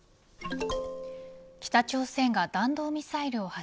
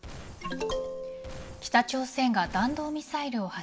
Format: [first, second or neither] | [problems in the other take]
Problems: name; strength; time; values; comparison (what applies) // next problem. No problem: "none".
first | background sound (Glass); 16 dB below the speech // room echo; dies away in 0.8 s